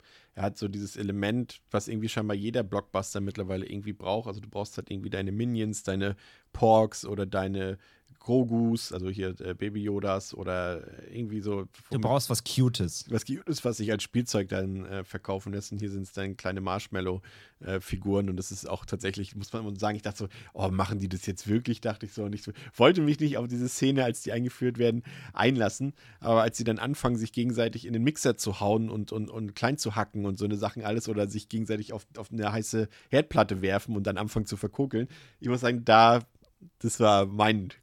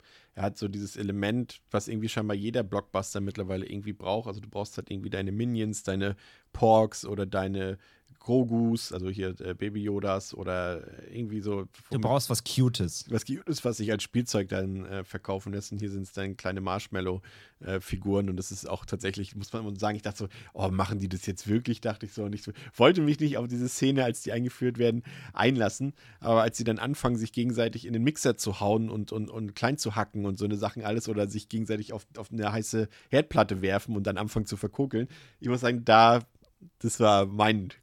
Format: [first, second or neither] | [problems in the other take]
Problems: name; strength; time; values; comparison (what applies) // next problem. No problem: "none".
neither | none